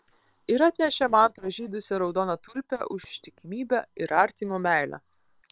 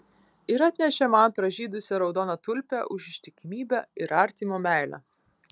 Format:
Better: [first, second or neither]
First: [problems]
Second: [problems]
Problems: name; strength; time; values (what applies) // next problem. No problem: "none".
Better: second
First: noise reduction (neural separator model SepFormer WHAM!)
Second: none